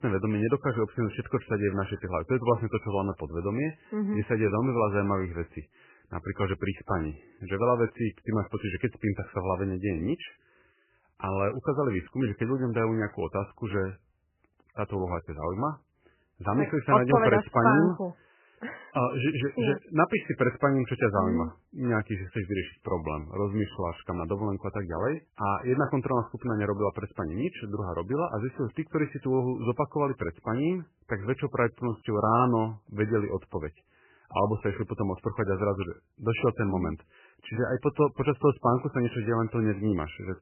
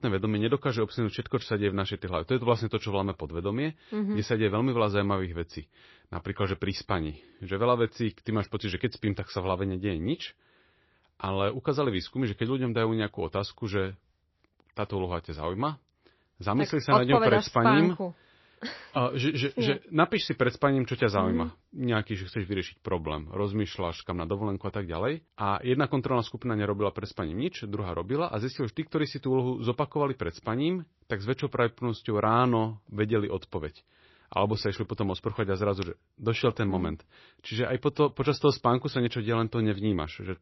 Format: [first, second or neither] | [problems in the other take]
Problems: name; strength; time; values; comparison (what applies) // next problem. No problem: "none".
second | garbled, watery; badly; nothing above 3 kHz; slightly in the second